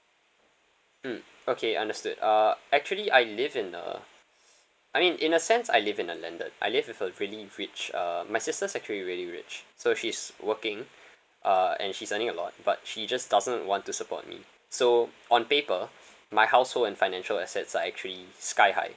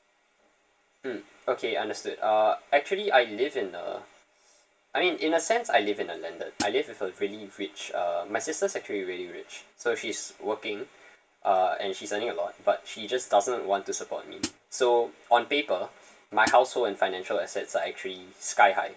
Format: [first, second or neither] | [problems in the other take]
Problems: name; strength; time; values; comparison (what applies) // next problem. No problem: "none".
first | background sound (Hi-hat); 7 dB below the speech // room echo; dies away in 0.2 s